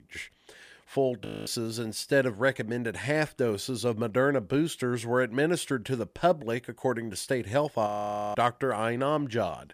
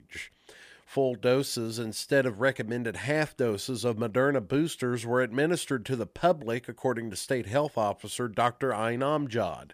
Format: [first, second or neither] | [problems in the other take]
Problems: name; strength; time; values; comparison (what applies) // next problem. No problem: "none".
second | audio freezing; at 1.5 s and at 8 s